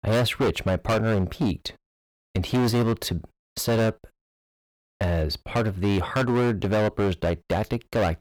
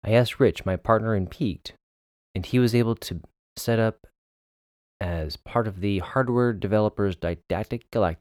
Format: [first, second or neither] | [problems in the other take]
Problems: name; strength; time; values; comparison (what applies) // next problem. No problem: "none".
second | distortion; heavy; 16% of the sound clipped